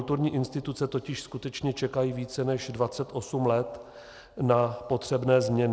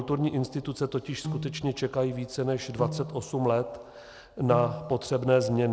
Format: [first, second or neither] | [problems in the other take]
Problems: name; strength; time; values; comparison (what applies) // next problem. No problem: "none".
first | background sound (Piano); 8 dB below the speech